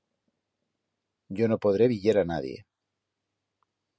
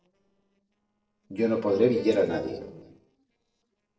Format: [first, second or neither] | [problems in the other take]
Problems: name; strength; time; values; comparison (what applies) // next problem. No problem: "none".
first | noise reduction (neural separator model SepFormer DNS4)